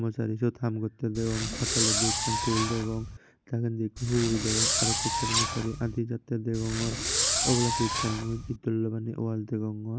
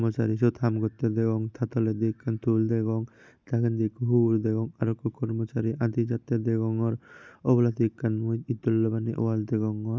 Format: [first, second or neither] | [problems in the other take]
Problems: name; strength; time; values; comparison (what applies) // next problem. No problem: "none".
second | background sound (Cutlery, silverware + Fireworks); 1 dB above the speech